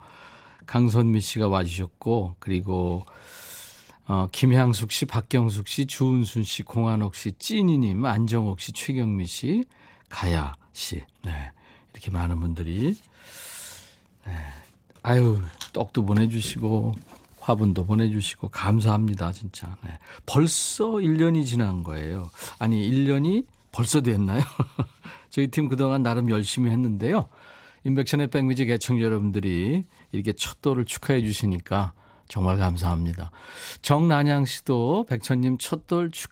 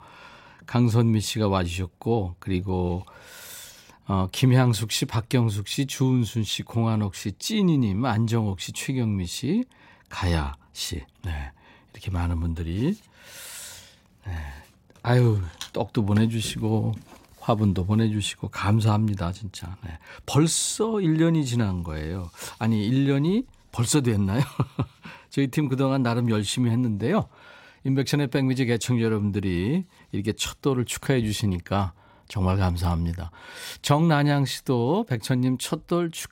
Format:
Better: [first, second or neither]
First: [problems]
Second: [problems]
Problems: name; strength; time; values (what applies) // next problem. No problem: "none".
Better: second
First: garbled, watery; slightly; nothing above 16 kHz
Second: none